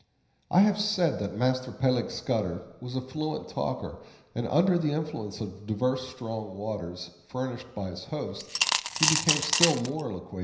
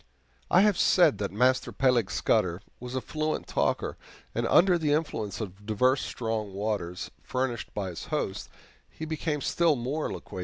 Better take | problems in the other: second | background sound (Coin (dropping) / Glass); 2 dB above the speech // room echo; dies away in 0.9 s

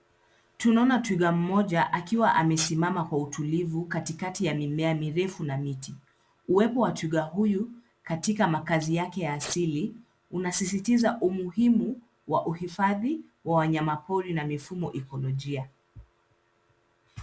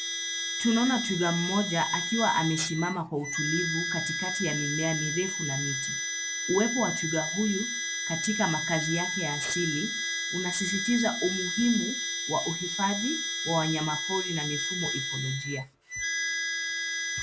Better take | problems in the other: first | background sound (Harmonica); 1 dB below the speech

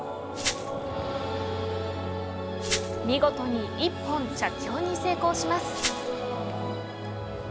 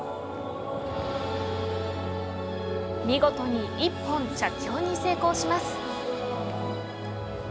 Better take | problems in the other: second | background sound (Glass); 6 dB below the speech

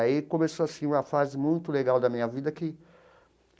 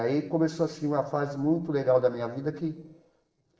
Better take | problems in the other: first | noise reduction (neural separator model SepFormer DNS4)

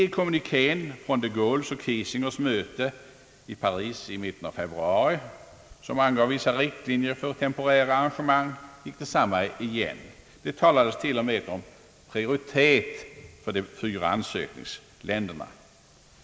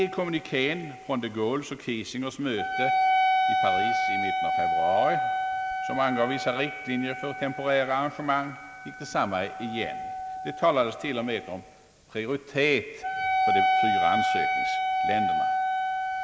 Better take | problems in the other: first | background sound (Wind instrument, woodwind instrument); 2 dB above the speech

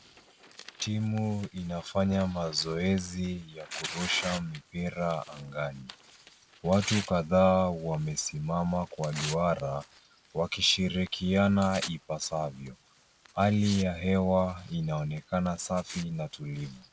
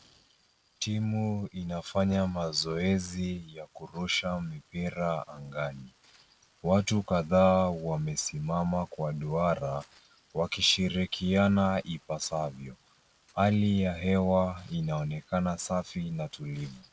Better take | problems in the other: second | background sound (Tearing); 16 dB below the speech

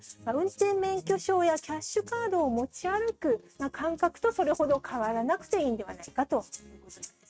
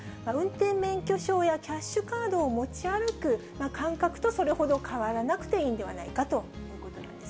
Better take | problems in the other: second | noise reduction (neural mask model RNNoise)

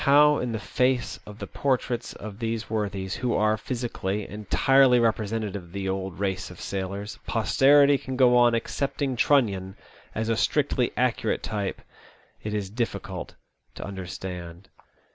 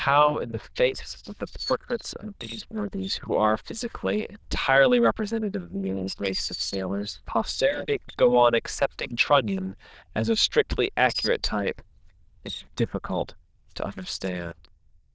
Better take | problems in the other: first | noise reduction (neural diffusion model UNIVERSE++)

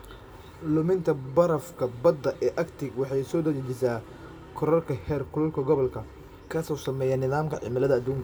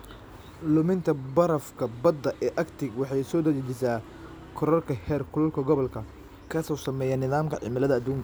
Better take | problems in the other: second | room echo; dies away in 1.4 s

